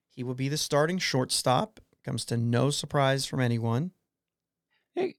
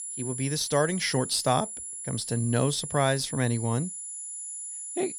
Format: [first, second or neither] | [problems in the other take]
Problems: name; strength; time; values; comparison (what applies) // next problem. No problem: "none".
first | high-pitched whine; loud; throughout; 10.5 kHz, 7 dB below the speech